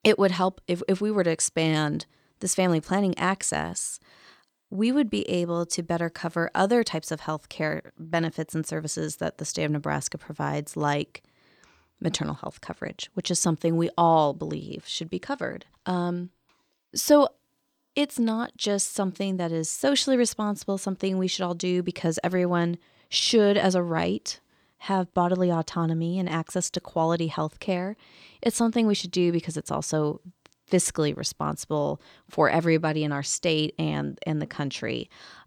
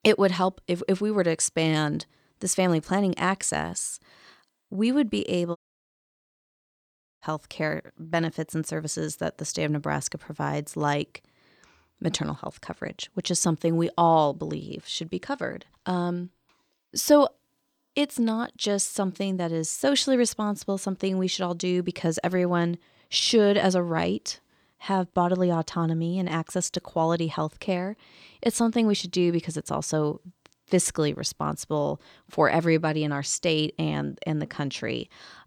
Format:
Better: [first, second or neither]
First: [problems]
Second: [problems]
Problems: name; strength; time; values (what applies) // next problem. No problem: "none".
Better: first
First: none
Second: audio cutting out; at 5.5 s for 1.5 s